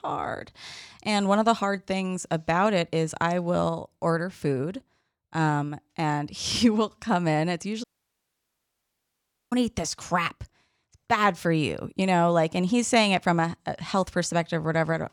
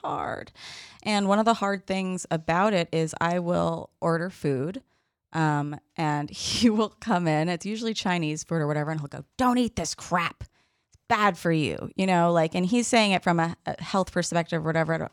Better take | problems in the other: second | audio cutting out; at 8 s for 1.5 s

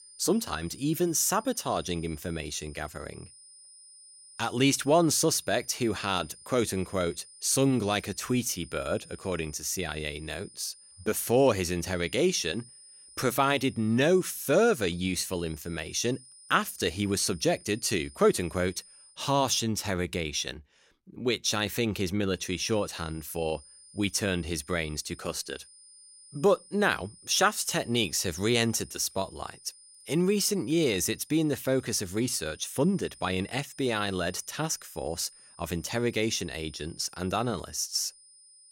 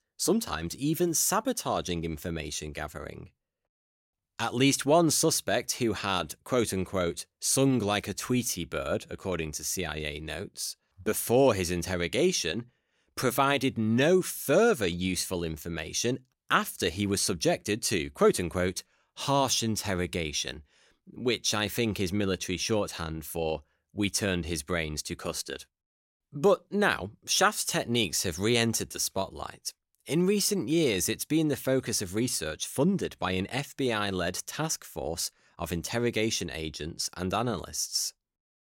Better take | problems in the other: second | high-pitched whine; faint; until 19 s and from 22 s on; 9.5 kHz, 20 dB below the speech

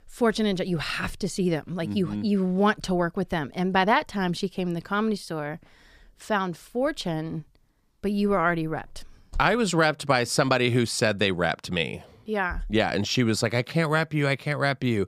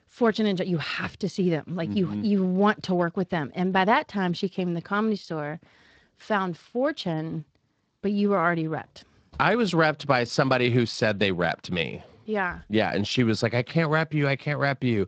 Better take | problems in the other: first | garbled, watery; slightly; nothing above 8 kHz

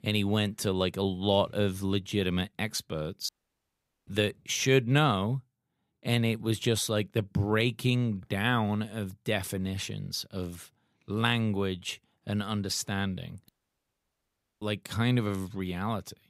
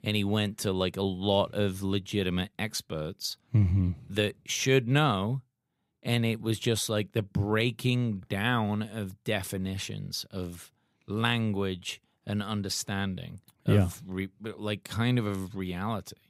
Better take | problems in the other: second | audio cutting out; at 3.5 s for 1 s and at 13 s for 1 s

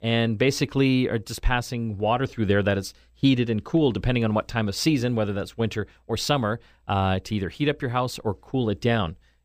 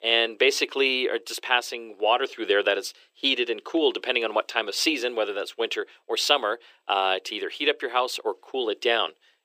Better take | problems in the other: first | thin; very; fading below 350 Hz

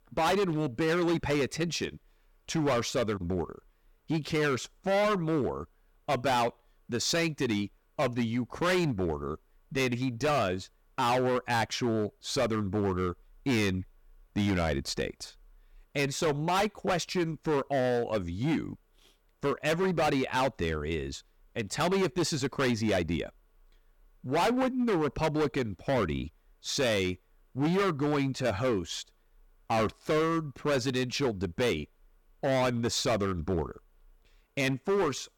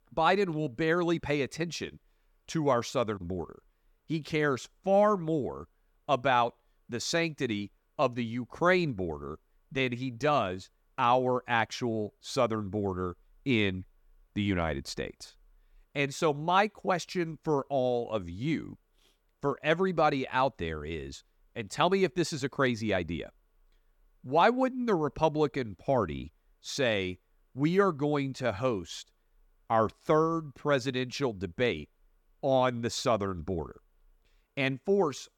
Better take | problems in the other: second | distortion; heavy; 13% of the sound clipped

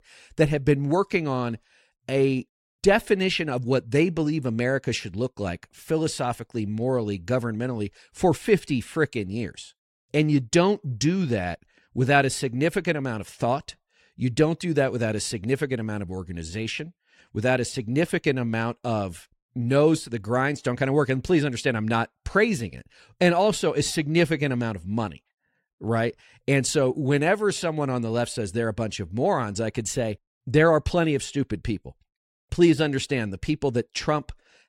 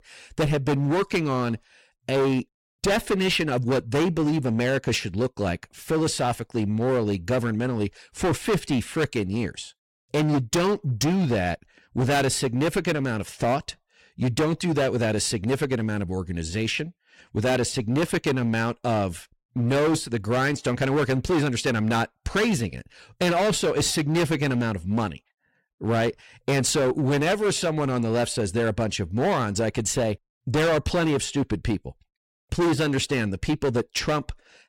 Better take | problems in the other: first | distortion; heavy; 15% of the sound clipped

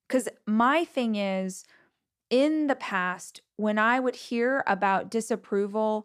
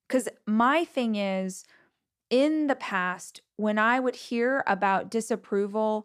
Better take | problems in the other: neither | none

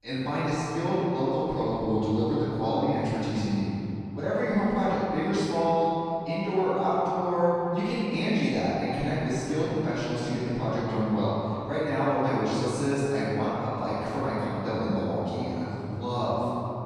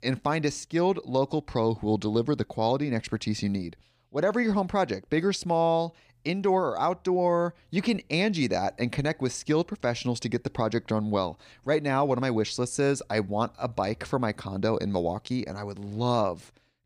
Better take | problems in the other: second | off-mic speech; far // room echo; strong; dies away in 2.8 s

